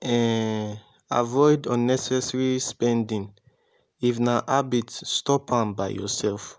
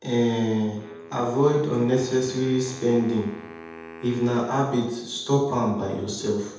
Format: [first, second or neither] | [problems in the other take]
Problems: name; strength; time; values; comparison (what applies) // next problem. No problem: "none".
first | background sound (Wind instrument, woodwind instrument); 19 dB below the speech // room echo; dies away in 0.8 s